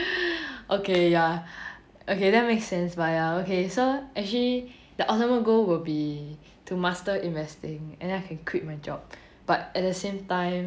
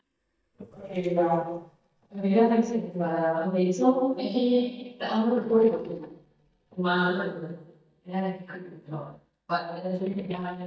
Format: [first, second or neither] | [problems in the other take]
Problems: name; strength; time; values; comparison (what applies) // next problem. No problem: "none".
first | noise reduction (neural mask model DeepFilterNet 3)